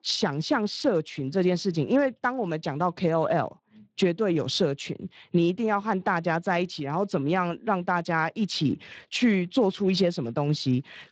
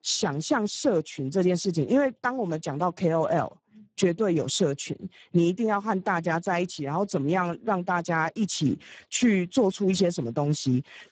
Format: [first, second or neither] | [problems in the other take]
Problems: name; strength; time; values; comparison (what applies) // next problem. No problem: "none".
first | garbled, watery; badly; nothing above 7.5 kHz; slightly in the first